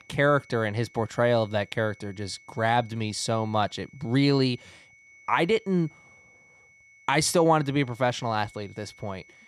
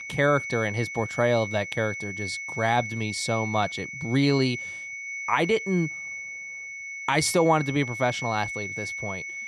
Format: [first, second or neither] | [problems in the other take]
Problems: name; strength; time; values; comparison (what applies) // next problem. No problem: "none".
first | high-pitched whine; loud; throughout; 2 kHz, 7 dB below the speech; faint in the first